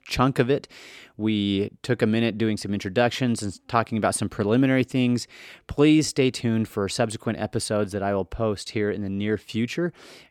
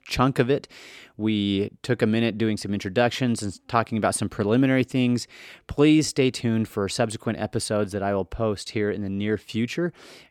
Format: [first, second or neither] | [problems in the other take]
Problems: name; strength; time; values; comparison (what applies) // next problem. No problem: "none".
neither | none